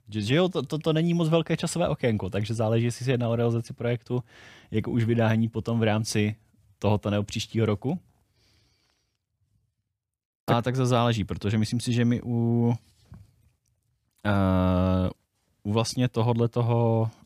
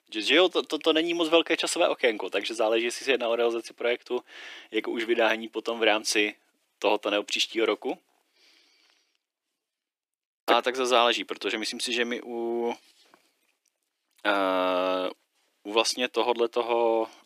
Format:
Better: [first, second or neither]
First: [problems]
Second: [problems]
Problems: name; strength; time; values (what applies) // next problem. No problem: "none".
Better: first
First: none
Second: thin; very; fading below 300 Hz